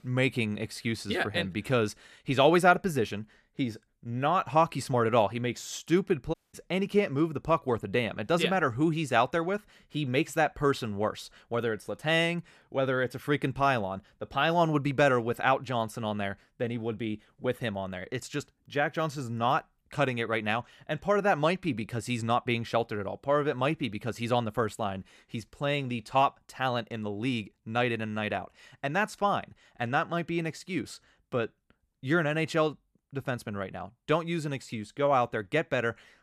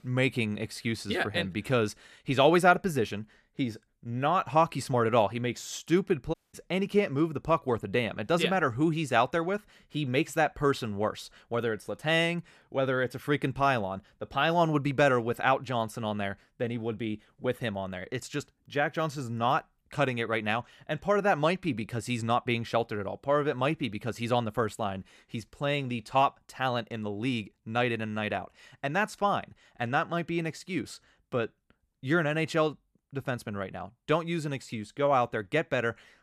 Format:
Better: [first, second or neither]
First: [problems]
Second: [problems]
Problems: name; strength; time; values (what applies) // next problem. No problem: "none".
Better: neither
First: audio cutting out; at 6.5 s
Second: audio cutting out; at 6.5 s